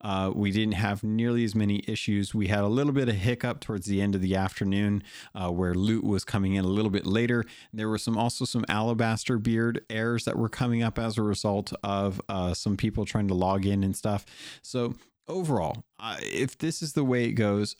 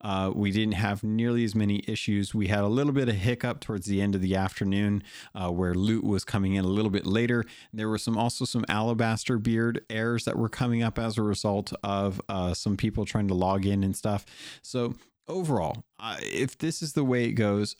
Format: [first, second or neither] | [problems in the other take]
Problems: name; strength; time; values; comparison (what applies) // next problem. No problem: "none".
neither | none